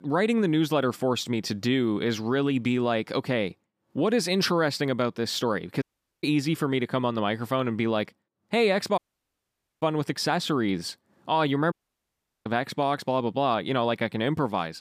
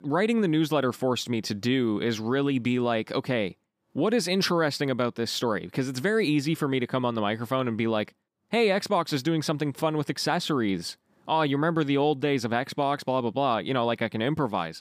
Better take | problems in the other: second | audio cutting out; at 6 s, at 9 s for 1 s and at 12 s for 0.5 s

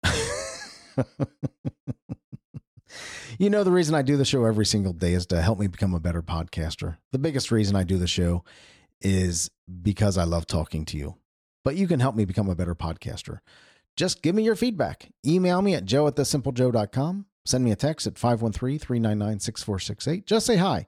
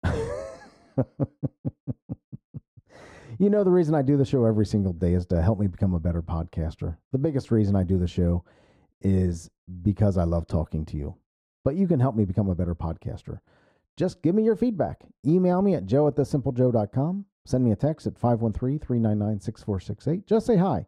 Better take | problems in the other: first | muffled; very; fading above 1.5 kHz

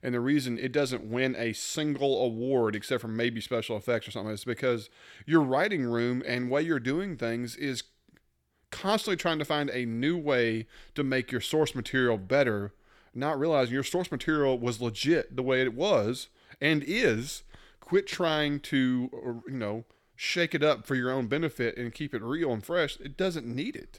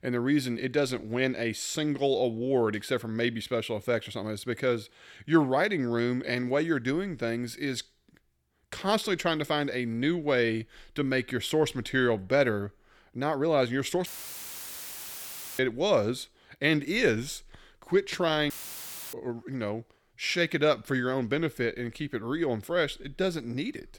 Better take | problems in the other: first | audio cutting out; filled with static; at 14 s for 1.5 s and at 19 s for 0.5 s

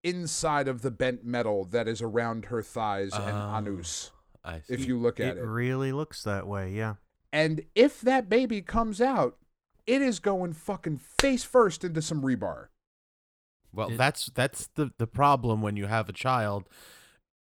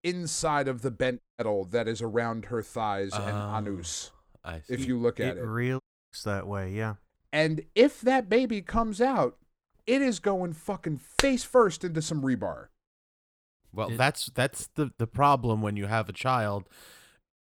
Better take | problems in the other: first | audio cutting out; at 1 s and at 6 s

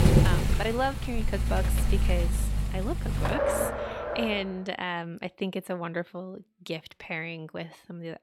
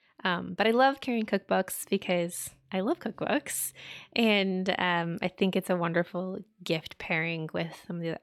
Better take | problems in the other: second | traffic noise; very loud; until 4 s; 5 dB above the speech

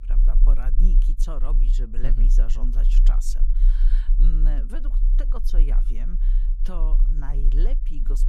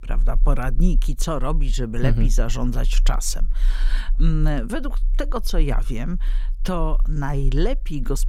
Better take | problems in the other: second | low rumble; loud; throughout; 7 dB below the speech; faint in the second

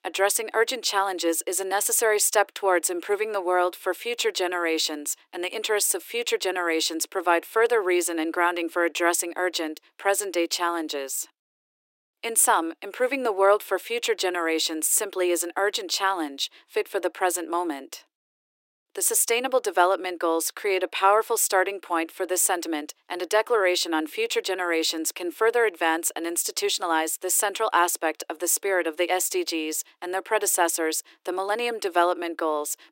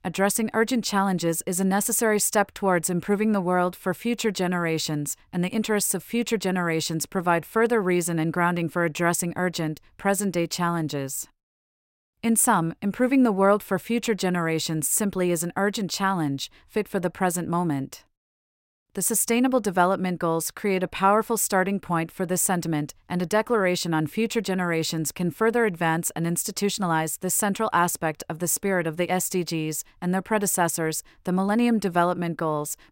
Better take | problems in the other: second | thin; very; fading below 300 Hz

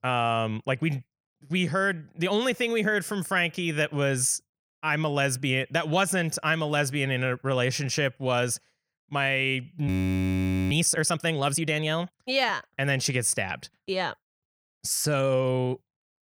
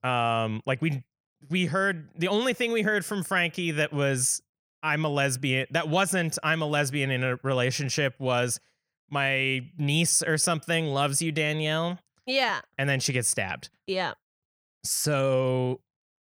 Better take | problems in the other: second | audio freezing; at 10 s for 1 s

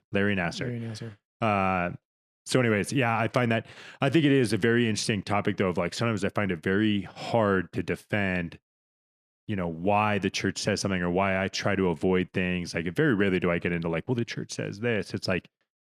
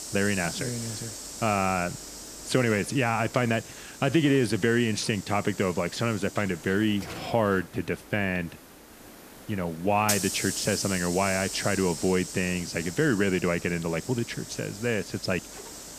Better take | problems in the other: first | hiss; loud; throughout; 9 dB below the speech

